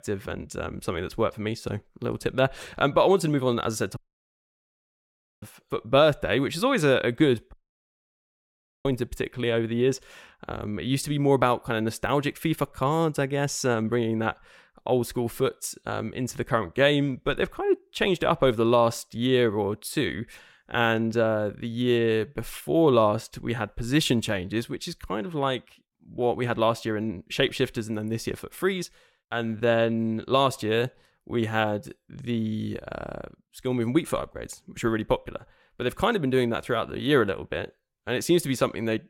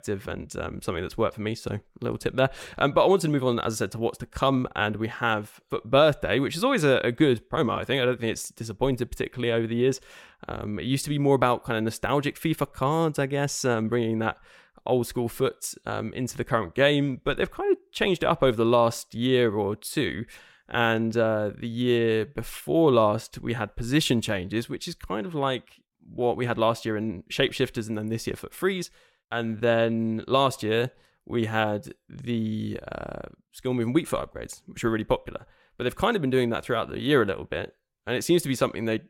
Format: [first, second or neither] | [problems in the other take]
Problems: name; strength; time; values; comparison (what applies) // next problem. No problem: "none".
second | audio cutting out; at 4 s for 1.5 s and at 7.5 s for 1.5 s